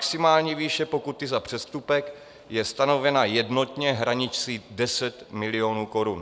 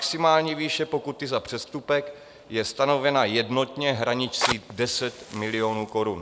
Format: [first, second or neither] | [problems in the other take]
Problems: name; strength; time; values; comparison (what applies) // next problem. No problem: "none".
first | background sound (Fire); 13 dB below the speech